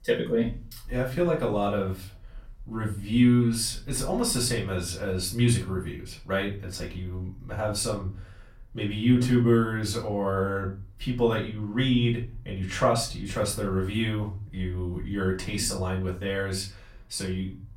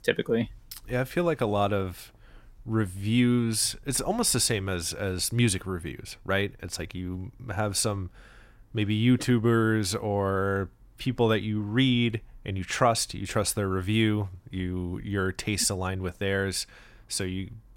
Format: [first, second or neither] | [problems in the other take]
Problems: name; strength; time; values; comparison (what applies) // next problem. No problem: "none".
second | room echo; slight; dies away in 0.3 s // off-mic speech; far